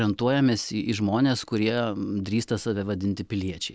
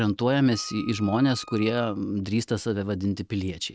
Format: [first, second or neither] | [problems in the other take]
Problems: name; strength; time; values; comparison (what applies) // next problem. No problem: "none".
first | noise reduction (neural mask model RNNoise)